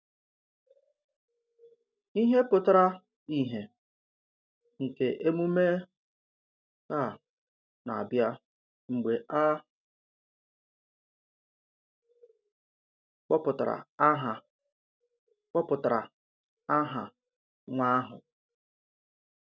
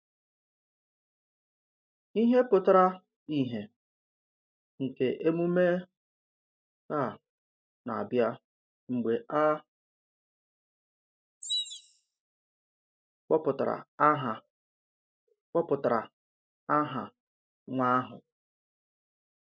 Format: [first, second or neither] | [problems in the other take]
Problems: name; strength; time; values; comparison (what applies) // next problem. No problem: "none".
first | noise reduction (neural mask model Resemble Enhance denoiser)